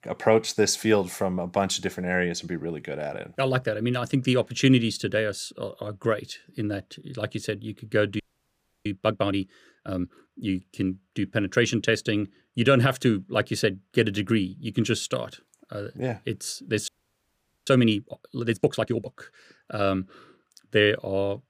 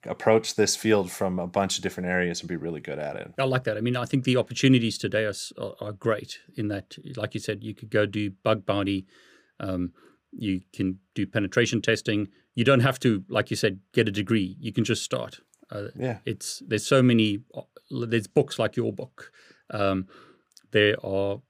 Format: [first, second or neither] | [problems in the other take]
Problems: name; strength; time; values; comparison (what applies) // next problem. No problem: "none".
second | audio freezing; at 8 s for 0.5 s and at 17 s for 1 s